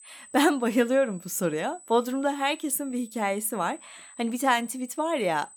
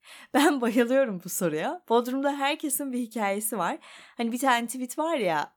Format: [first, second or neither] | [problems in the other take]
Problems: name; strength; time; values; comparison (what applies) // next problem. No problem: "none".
second | high-pitched whine; faint; throughout; 8 kHz, 20 dB below the speech